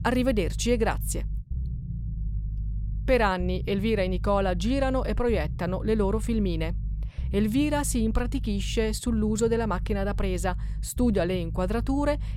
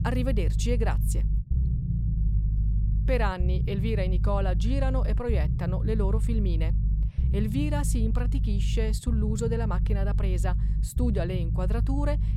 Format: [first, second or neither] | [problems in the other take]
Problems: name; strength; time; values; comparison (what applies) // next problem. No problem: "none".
first | low rumble; loud; throughout; 9 dB below the speech; faint in the first